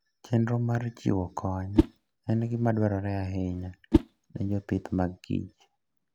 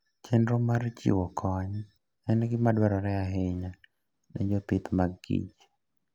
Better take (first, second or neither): second